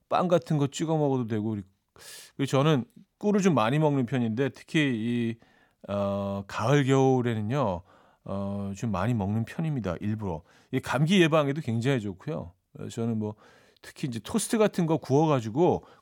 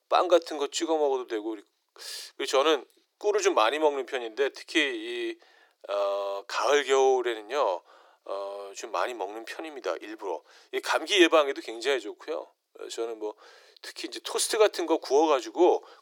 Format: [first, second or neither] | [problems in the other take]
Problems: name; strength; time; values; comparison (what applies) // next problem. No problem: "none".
first | thin; very; fading below 350 Hz